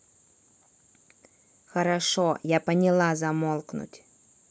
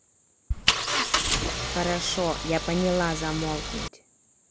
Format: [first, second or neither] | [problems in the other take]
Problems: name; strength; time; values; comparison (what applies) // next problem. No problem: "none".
first | background sound (Engine); 2 dB above the speech